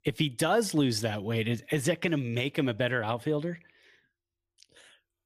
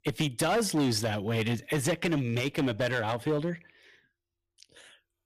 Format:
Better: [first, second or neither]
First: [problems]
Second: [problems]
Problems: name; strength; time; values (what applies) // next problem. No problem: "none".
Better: first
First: none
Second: distortion; slight; 9% of the sound clipped